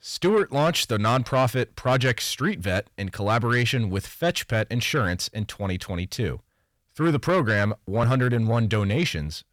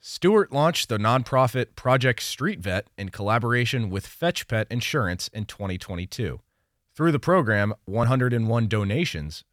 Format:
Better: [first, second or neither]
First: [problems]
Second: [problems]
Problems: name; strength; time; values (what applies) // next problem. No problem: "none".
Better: second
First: distortion; slight; 10 dB below the speech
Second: none